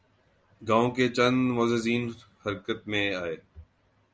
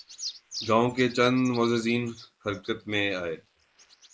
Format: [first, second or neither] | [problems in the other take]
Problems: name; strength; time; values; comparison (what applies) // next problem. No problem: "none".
first | noise reduction (neural mask model Resemble Enhance denoiser)